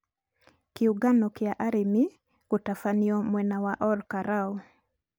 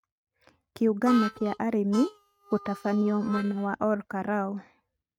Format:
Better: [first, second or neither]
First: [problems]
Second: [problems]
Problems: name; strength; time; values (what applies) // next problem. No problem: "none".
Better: first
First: none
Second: noise reduction (neural mask model RNNoise)